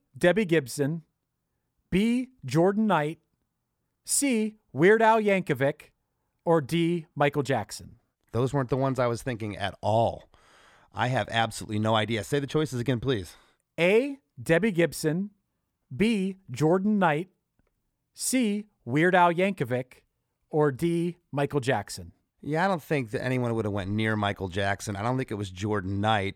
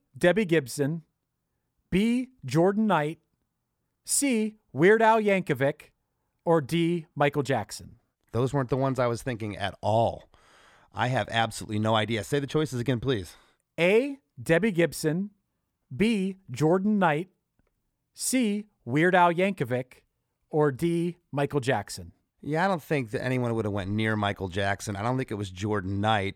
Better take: neither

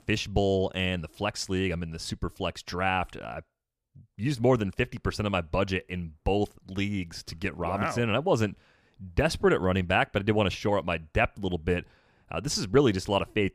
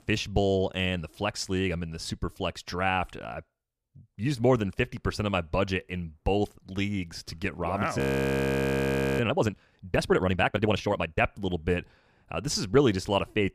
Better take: first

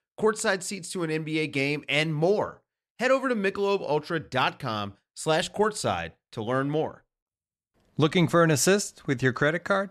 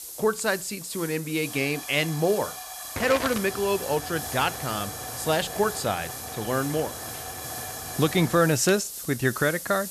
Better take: first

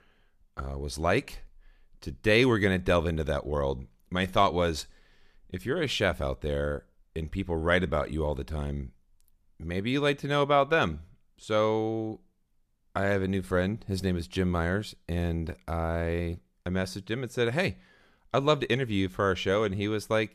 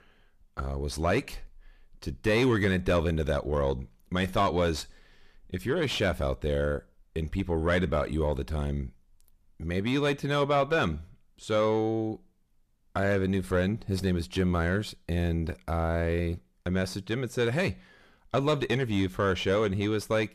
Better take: first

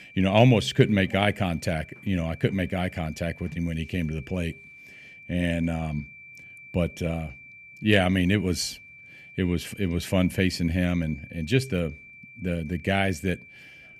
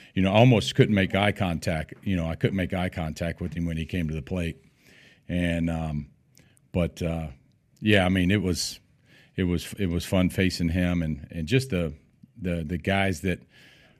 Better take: second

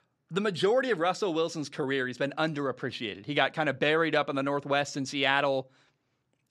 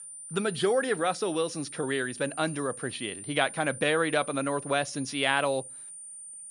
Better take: first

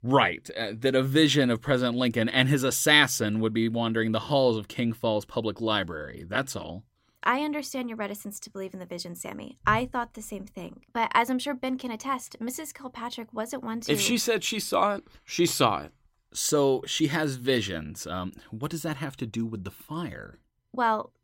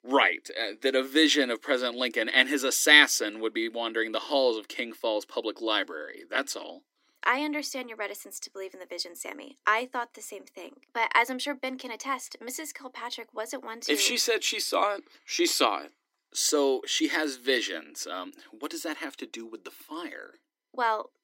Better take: first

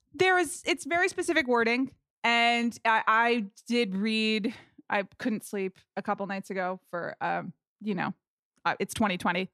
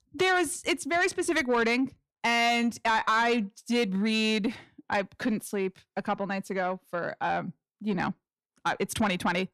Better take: first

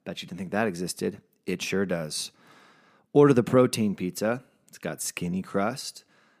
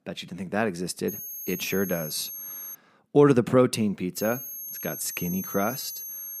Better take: first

